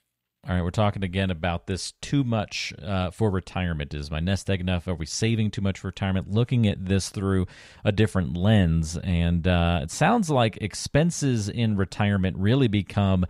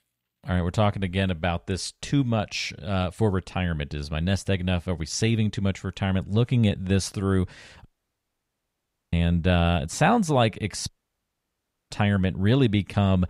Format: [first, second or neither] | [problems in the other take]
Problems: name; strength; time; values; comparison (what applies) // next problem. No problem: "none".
first | audio cutting out; at 8 s for 1.5 s and at 11 s for 1 s